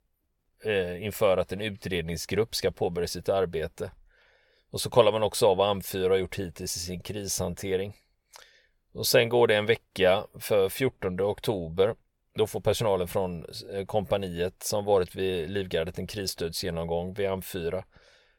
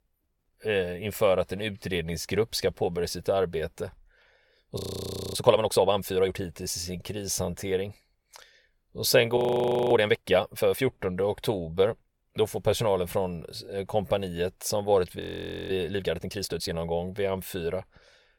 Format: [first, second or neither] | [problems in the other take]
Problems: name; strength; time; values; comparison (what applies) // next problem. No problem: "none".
first | audio freezing; at 5 s for 0.5 s, at 9.5 s for 0.5 s and at 15 s for 0.5 s